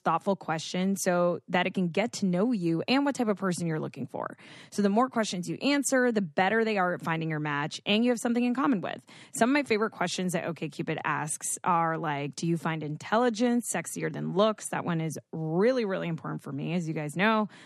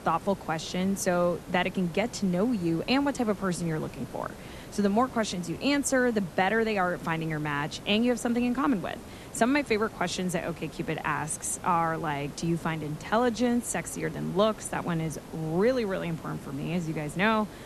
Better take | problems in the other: first | hiss; noticeable; throughout; 15 dB below the speech

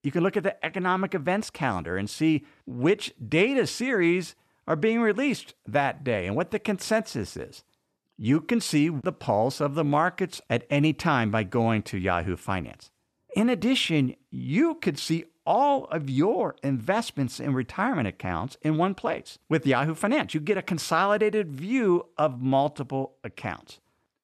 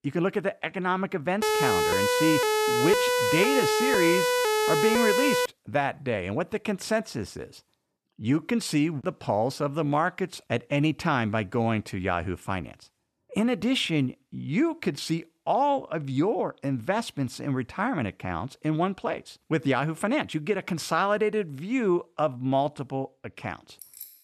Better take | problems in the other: first | siren; loud; from 1.5 to 5.5 s; peak 4 dB above the speech // jangling keys; faint; at 24 s; peak 15 dB below the speech

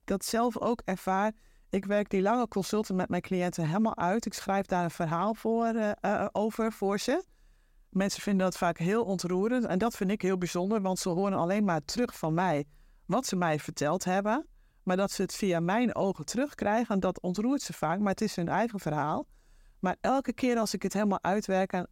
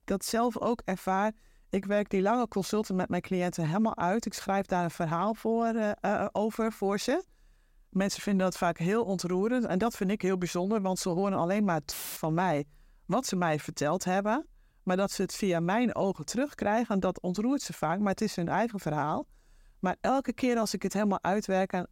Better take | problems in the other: first | audio cutting out; filled with static; at 12 s

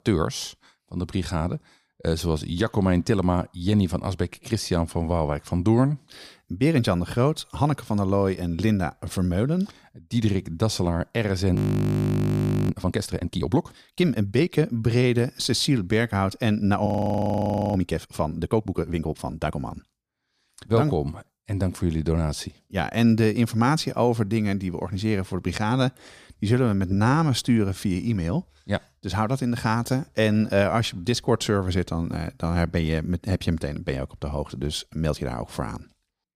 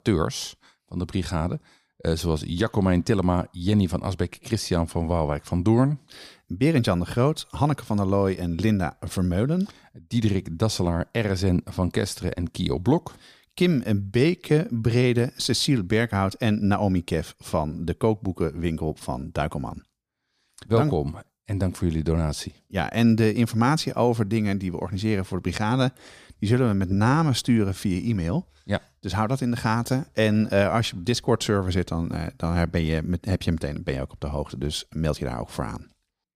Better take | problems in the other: second | audio freezing; at 12 s for 1 s and at 17 s for 1 s

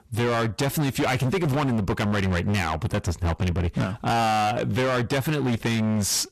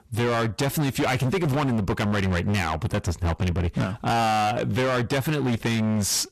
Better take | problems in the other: neither | distortion; heavy; 30% of the sound clipped; the same in both

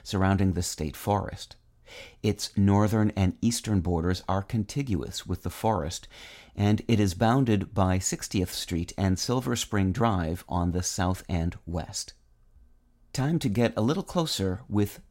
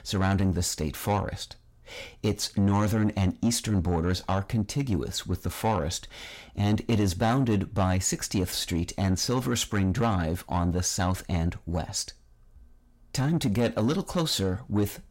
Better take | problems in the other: first | distortion; slight; 10 dB below the speech

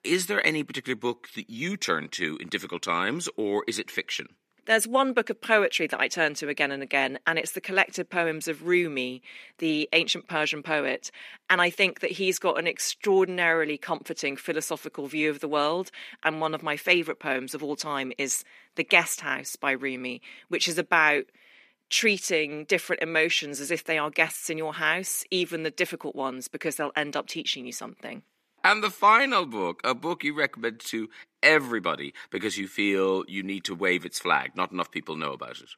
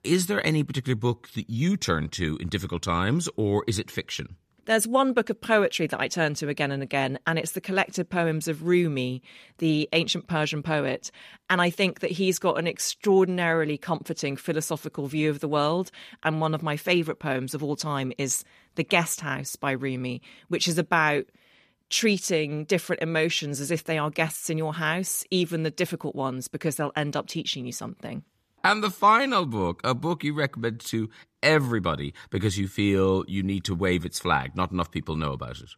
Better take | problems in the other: second | thin; somewhat; fading below 250 Hz

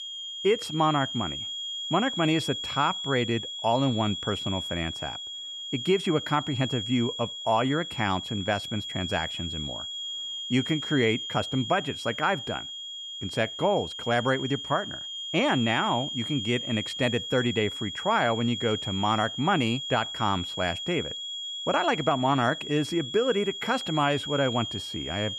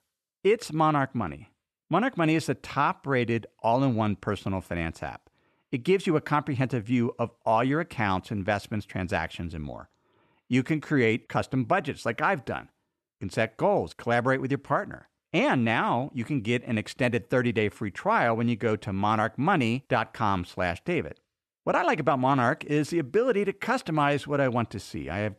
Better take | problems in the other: second | high-pitched whine; loud; throughout; 3.5 kHz, 5 dB below the speech

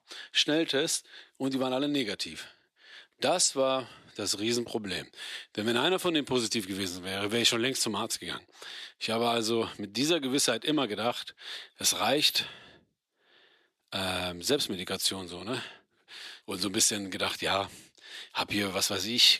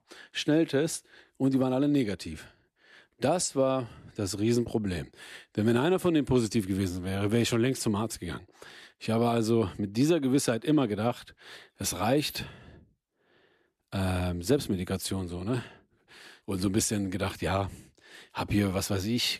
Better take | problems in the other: second | thin; very slightly; fading below 600 Hz

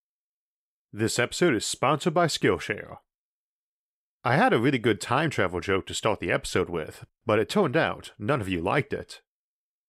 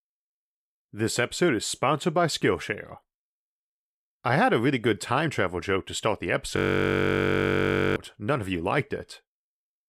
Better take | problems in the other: first | audio freezing; at 6.5 s for 1.5 s

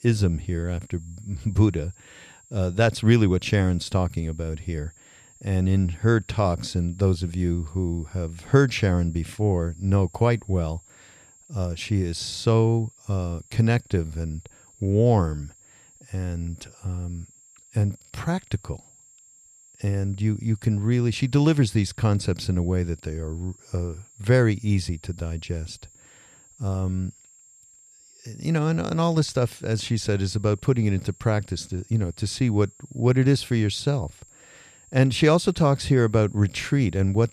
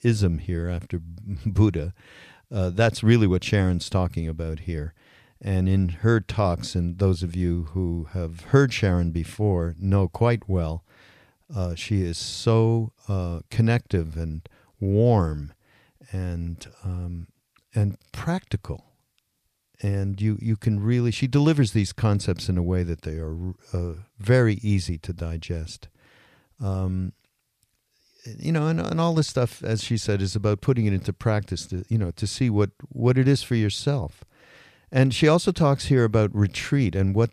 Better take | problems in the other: second | high-pitched whine; faint; throughout; 7.5 kHz, 25 dB below the speech

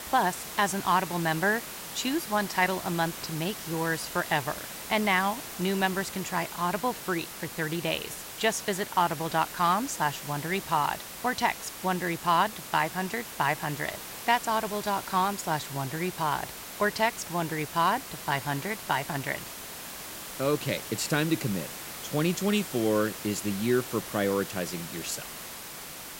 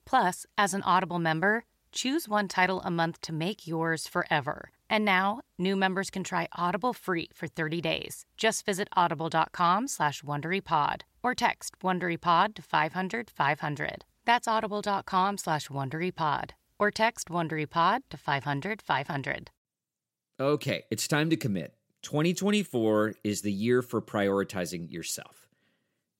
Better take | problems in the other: second | hiss; loud; throughout; 9 dB below the speech

